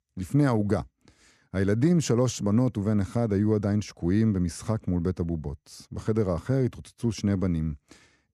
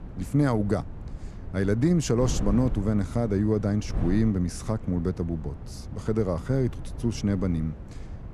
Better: first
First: none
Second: wind noise on the microphone; occasional gusts; 15 dB below the speech

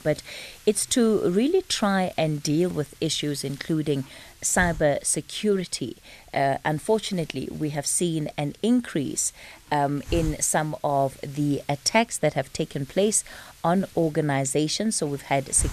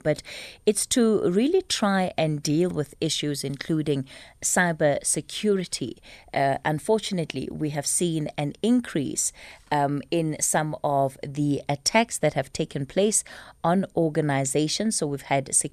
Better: second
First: hiss; faint; throughout; 20 dB below the speech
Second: none

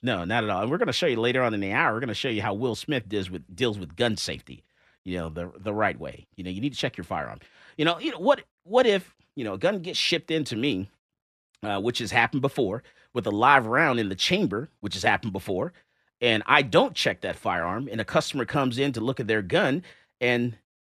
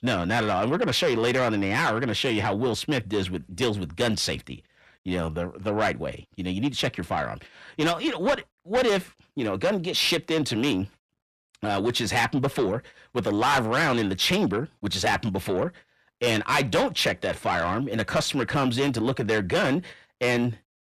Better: first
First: none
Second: distortion; heavy; 7 dB below the speech

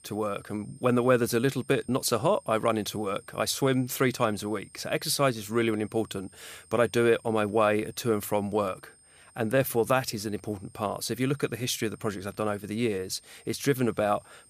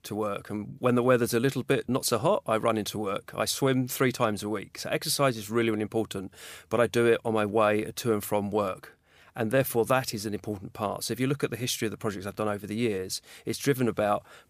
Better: second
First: high-pitched whine; faint; throughout; 8.5 kHz, 25 dB below the speech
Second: none

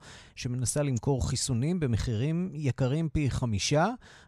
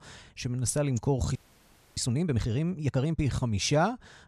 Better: first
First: none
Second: audio freezing; at 1.5 s for 0.5 s

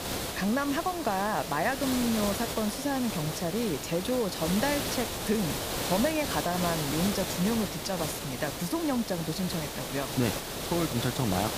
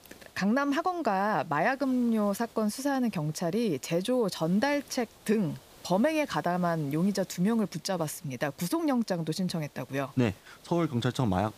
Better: second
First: hiss; loud; throughout; 3 dB below the speech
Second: hiss; faint; throughout; 25 dB below the speech

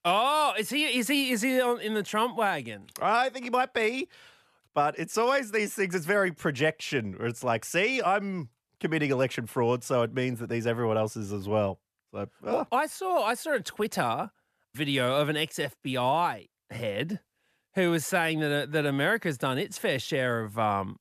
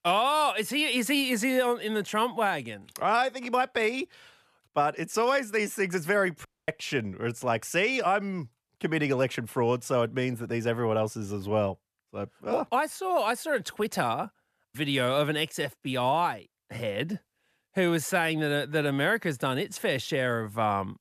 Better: first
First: none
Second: audio cutting out; at 6.5 s

